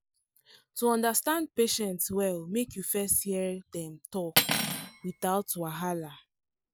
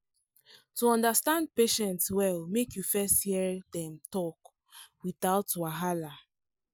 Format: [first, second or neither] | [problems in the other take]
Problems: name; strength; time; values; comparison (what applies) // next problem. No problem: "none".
second | background sound (Cutlery, silverware); 1 dB below the speech